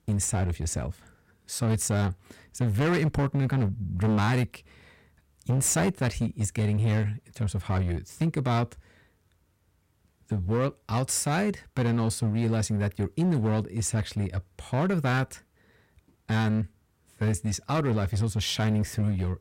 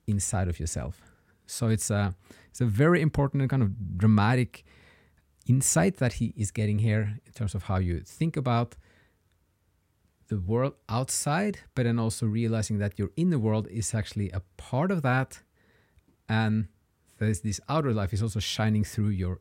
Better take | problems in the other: second | distortion; slight; 12% of the sound clipped

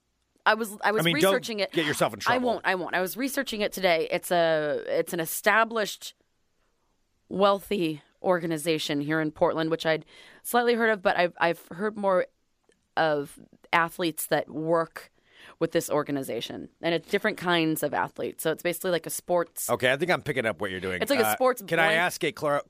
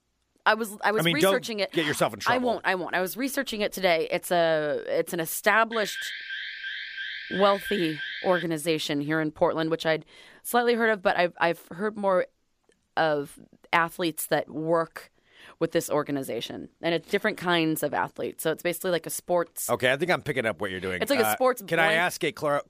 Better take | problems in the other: first | alarm; noticeable; from 5.5 to 8.5 s; peak 7 dB below the speech

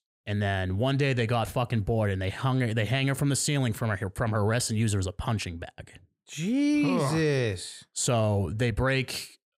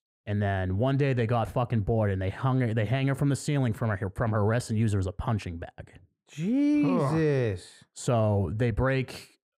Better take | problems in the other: first | muffled; slightly; fading above 2 kHz

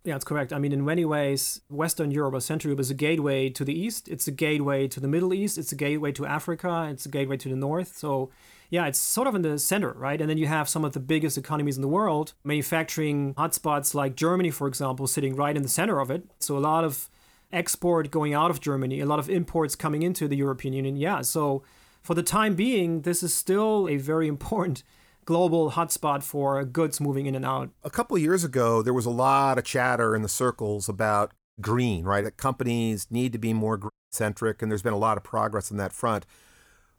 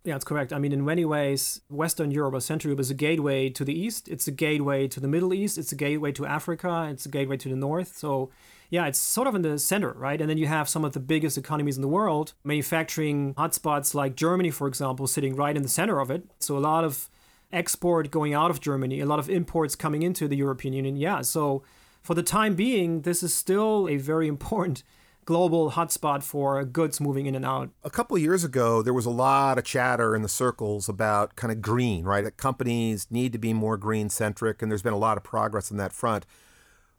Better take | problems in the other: second | audio cutting out; at 31 s and at 34 s

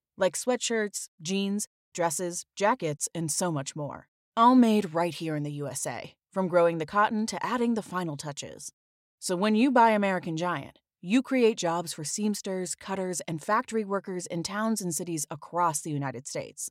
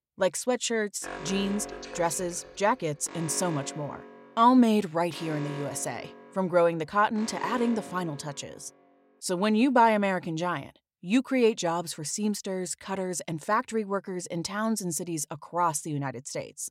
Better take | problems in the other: first | alarm; noticeable; from 1 to 8.5 s; peak 9 dB below the speech

